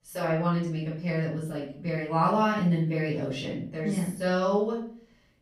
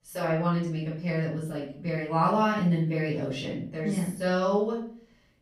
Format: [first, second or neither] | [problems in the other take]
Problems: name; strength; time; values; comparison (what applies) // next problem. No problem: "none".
neither | off-mic speech; far; the same in both // room echo; noticeable; dies away in 0.5 s; the same in both